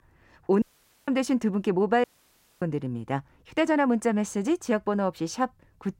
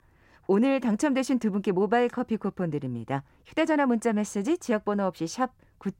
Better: second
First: audio cutting out; at 0.5 s and at 2 s for 0.5 s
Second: none

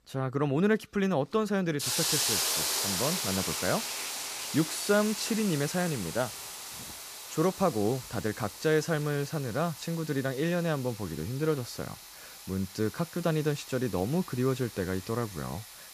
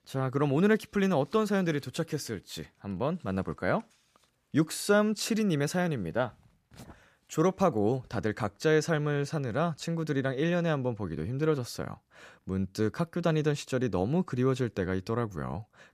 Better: second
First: hiss; loud; throughout; 3 dB below the speech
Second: none

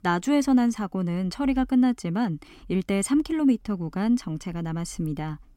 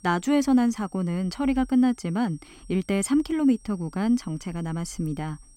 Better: first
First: none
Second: high-pitched whine; faint; throughout; 8.5 kHz, 30 dB below the speech

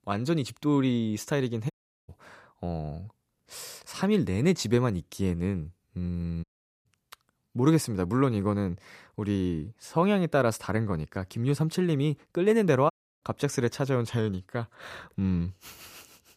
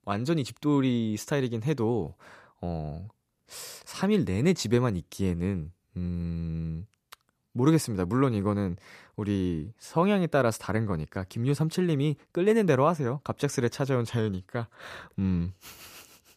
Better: second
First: audio cutting out; at 1.5 s, at 6.5 s and at 13 s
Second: none

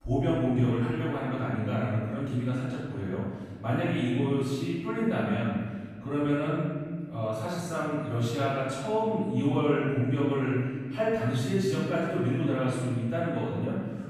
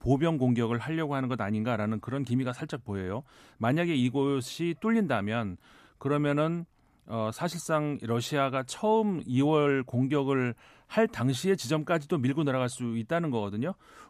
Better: second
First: off-mic speech; far // room echo; strong; dies away in 1.9 s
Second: none

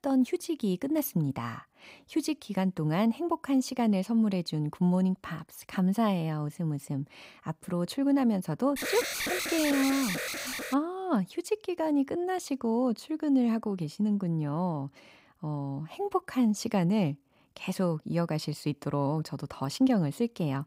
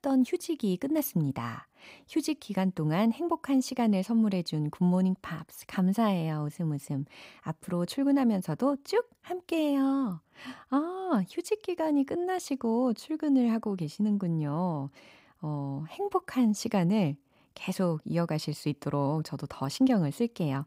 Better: second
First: alarm; noticeable; from 9 to 11 s; peak 1 dB below the speech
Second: none

